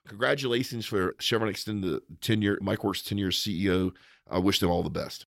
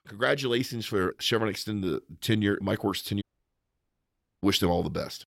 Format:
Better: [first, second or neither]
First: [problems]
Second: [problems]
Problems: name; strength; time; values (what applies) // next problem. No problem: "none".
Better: first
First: none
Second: audio cutting out; at 3 s for 1 s